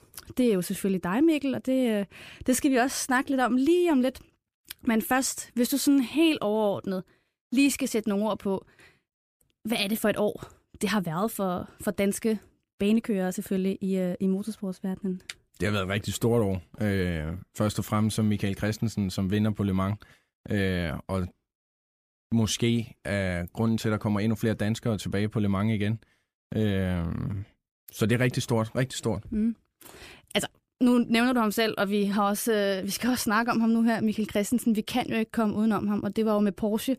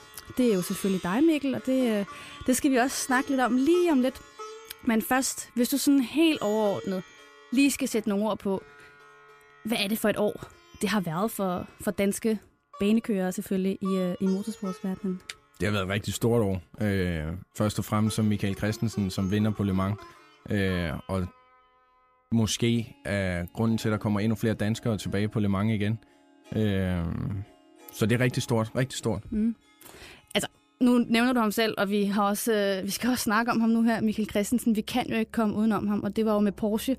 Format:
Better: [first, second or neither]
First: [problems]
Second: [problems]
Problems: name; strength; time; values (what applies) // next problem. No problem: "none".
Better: first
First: none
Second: background music; faint; throughout; 20 dB below the speech